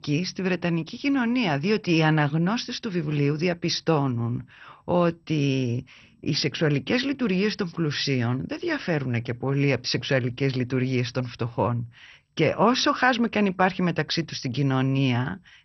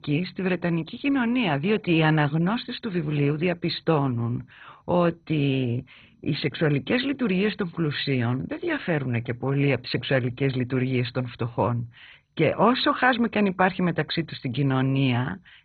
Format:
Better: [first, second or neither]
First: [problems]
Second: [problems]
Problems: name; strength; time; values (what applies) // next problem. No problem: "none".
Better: first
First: garbled, watery; slightly; nothing above 6 kHz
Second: garbled, watery; badly; nothing above 4 kHz